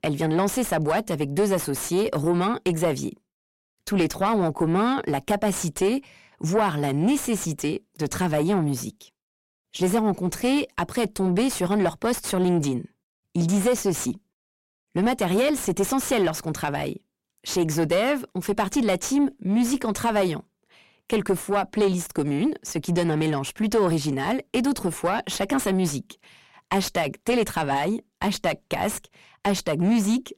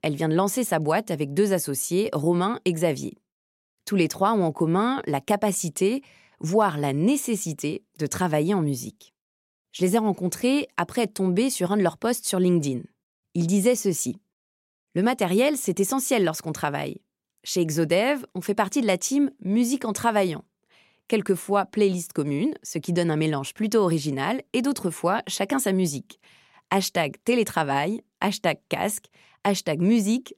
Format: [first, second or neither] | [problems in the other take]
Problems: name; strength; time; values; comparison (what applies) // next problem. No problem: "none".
second | distortion; slight; 9 dB below the speech